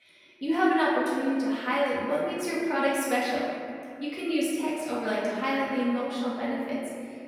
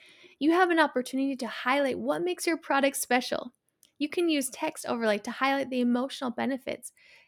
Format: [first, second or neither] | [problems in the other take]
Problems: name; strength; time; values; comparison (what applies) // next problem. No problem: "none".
second | off-mic speech; far // room echo; strong; dies away in 2 s